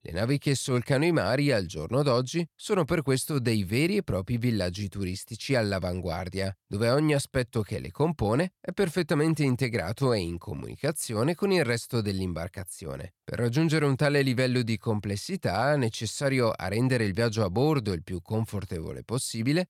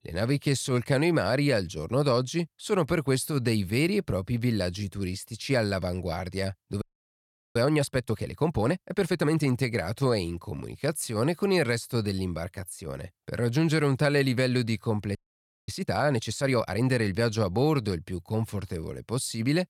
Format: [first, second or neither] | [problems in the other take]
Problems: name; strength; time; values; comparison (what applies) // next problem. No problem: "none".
first | audio freezing; at 7 s for 0.5 s and at 15 s for 0.5 s